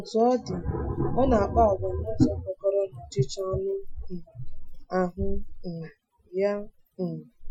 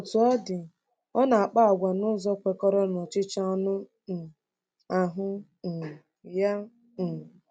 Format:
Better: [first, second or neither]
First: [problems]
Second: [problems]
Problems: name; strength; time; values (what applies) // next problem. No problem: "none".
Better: second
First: noise reduction (classical method Wiener filter)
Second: none